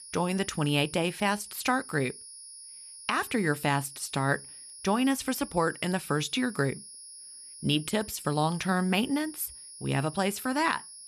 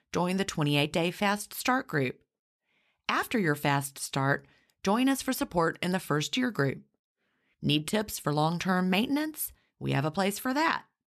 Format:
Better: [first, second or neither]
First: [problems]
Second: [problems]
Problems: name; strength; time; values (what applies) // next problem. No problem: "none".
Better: second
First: high-pitched whine; noticeable; throughout; 10.5 kHz, 15 dB below the speech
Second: none